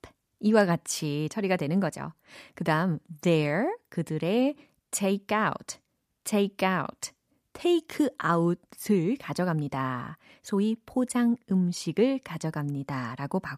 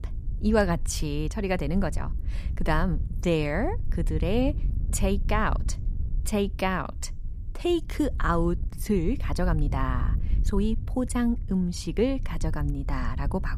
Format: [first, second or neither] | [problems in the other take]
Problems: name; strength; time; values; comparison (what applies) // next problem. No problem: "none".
first | wind noise on the microphone; occasional gusts; 20 dB below the speech